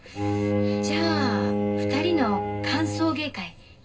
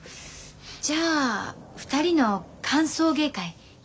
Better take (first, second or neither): second